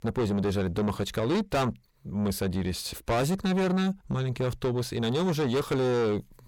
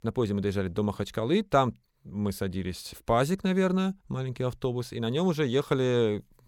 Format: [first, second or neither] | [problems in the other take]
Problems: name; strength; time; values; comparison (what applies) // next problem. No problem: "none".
second | distortion; heavy; 7 dB below the speech